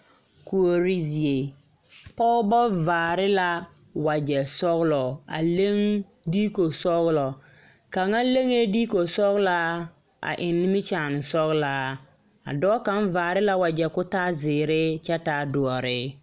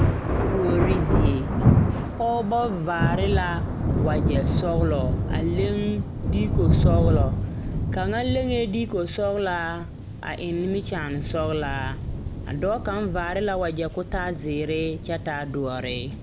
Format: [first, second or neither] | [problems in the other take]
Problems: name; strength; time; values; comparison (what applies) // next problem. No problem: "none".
first | background sound (Thunder); 2 dB above the speech